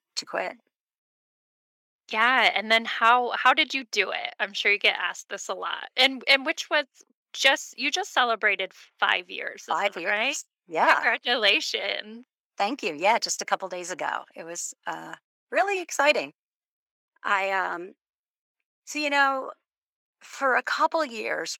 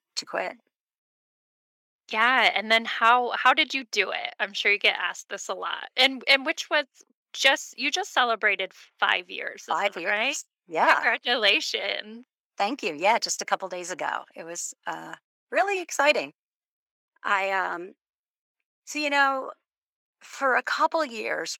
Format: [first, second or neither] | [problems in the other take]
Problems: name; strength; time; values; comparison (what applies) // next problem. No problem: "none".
neither | thin; somewhat; fading below 550 Hz; the same in both